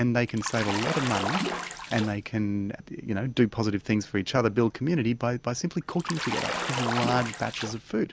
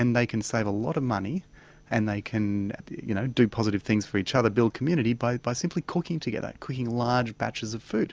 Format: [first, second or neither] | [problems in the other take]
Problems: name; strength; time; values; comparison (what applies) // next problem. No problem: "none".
second | background sound (Bathtub (filling or washing) / Splash, splatter); 5 dB below the speech